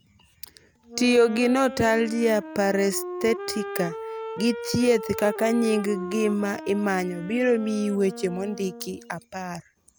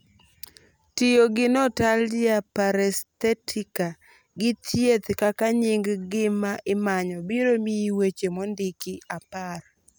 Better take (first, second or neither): second